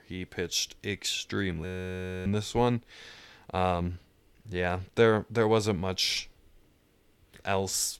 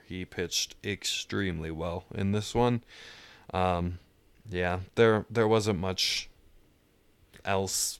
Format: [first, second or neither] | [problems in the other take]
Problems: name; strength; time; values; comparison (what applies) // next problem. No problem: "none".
second | audio freezing; at 1.5 s for 0.5 s